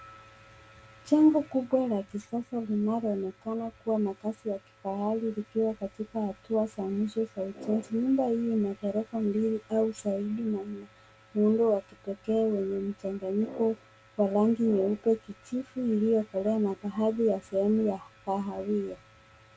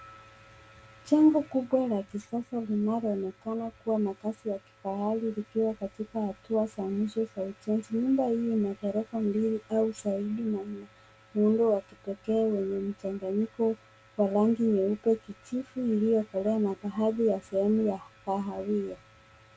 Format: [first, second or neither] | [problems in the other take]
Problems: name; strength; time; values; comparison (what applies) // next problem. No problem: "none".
second | background sound (Brass instrument); 17 dB below the speech